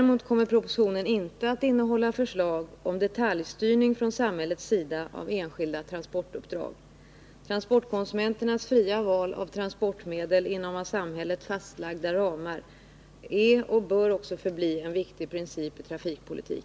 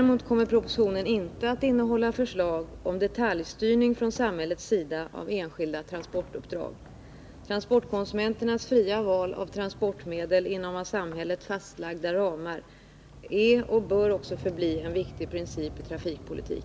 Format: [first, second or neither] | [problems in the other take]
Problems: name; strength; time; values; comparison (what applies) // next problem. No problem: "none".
first | background sound (Sliding door); 17 dB below the speech